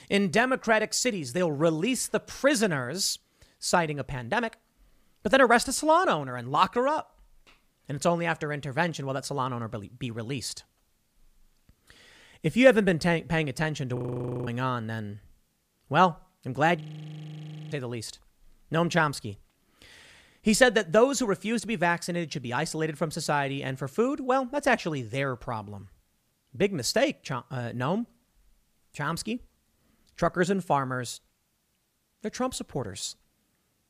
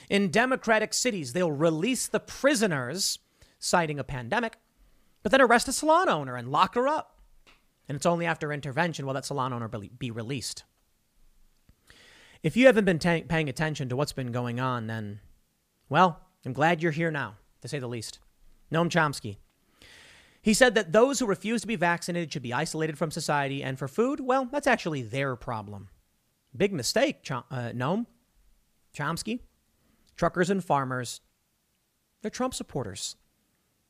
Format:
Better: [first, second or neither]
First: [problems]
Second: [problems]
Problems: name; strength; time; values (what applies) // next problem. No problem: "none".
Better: second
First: audio freezing; at 14 s for 0.5 s and at 17 s for 1 s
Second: none